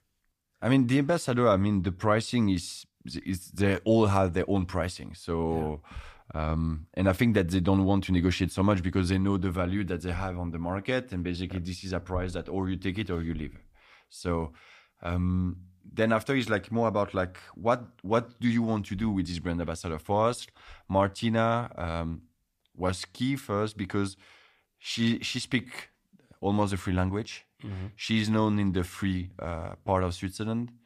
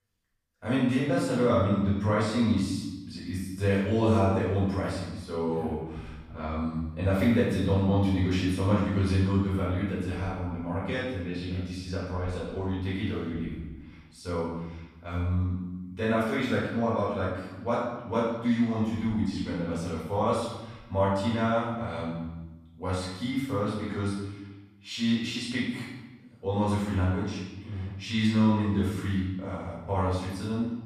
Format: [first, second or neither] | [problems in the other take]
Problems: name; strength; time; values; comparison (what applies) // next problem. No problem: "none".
first | off-mic speech; far // room echo; noticeable; dies away in 1 s